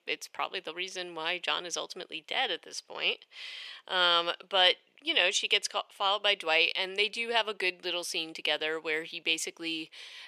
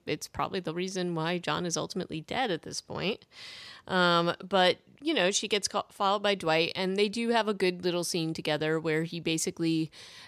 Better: second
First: thin; very; fading below 550 Hz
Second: none

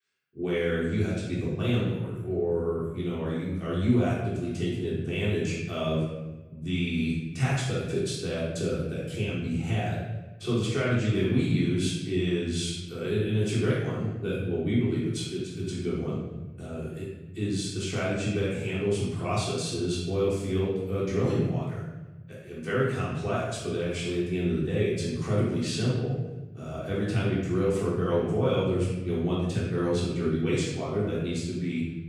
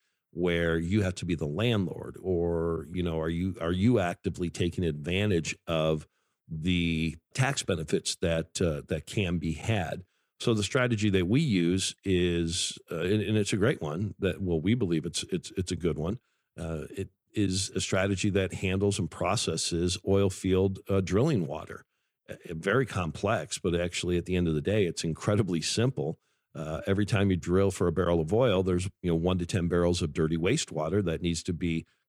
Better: second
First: off-mic speech; far // room echo; strong; dies away in 1.2 s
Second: none

